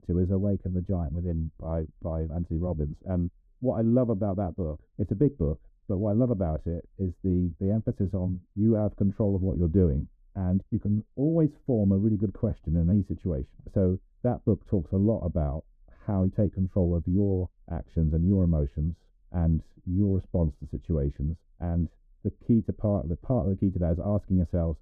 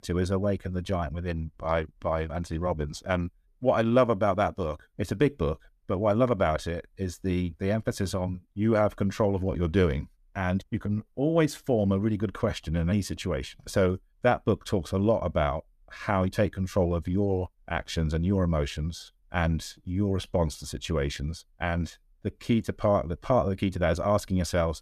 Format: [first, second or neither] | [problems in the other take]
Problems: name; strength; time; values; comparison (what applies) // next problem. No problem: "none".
second | muffled; very; fading above 1 kHz